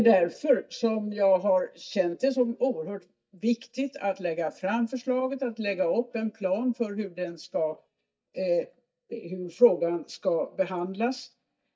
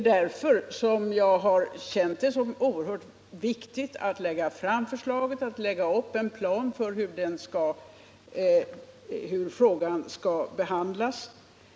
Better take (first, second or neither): second